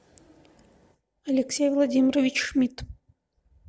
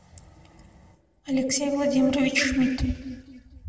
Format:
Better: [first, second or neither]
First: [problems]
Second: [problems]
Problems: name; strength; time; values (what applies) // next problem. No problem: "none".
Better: first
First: none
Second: room echo; dies away in 1.6 s